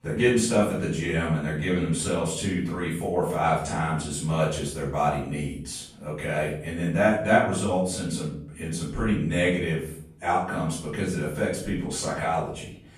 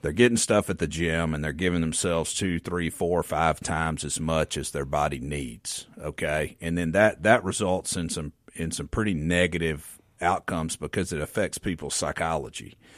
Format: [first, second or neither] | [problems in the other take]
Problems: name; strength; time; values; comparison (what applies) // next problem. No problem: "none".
second | room echo; noticeable; dies away in 0.5 s // off-mic speech; far